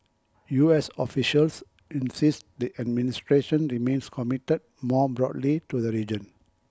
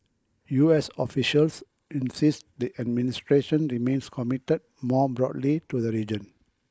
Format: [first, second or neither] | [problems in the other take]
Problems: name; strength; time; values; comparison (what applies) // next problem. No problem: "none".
first | noise reduction (neural mask model Resemble Enhance denoiser)